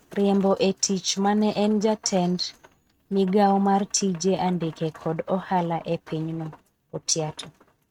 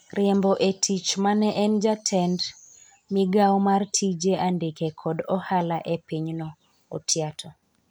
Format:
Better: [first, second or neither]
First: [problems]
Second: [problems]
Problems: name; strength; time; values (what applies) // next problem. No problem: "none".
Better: second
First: noise reduction (neural mask model RNNoise)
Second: none